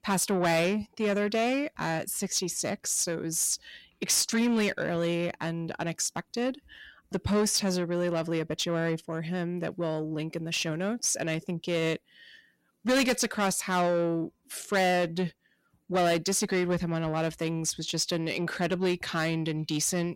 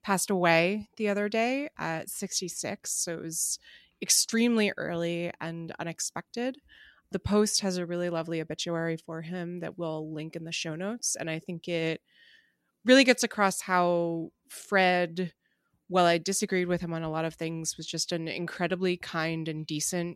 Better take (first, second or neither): second